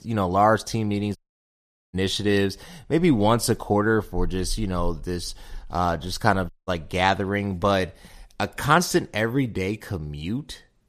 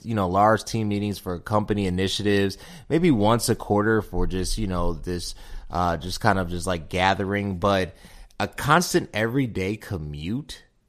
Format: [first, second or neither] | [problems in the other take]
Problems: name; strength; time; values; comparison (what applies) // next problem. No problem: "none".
second | audio cutting out; at 1 s for 1 s and at 6.5 s